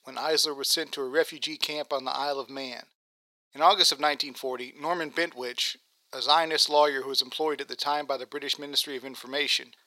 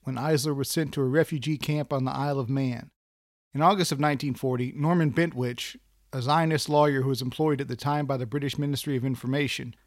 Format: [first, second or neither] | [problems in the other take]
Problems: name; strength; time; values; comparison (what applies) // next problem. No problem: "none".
second | thin; very; fading below 450 Hz